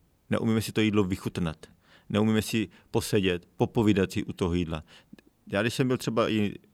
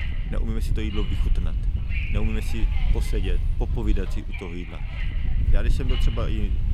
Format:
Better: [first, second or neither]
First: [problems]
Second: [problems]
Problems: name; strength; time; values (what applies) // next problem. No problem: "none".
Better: first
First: none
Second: wind noise on the microphone; heavy; 2 dB below the speech